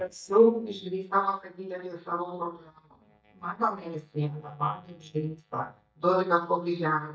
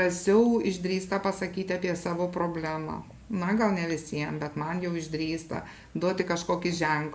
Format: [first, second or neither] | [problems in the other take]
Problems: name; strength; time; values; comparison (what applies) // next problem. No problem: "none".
second | noise reduction (neural mask model DeepFilterNet 3)